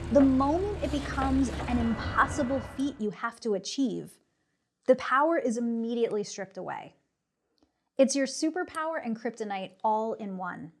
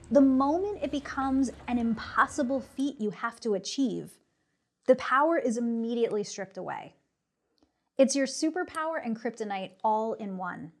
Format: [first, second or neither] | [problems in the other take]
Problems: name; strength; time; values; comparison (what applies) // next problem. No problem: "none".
second | traffic noise; loud; until 2.5 s; 7 dB below the speech; faint in the second